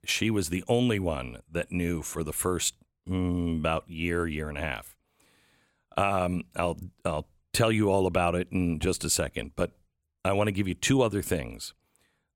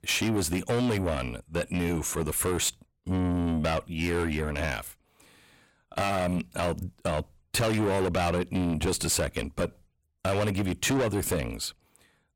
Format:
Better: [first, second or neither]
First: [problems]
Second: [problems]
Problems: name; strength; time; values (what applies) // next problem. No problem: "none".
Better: first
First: none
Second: distortion; heavy; 6 dB below the speech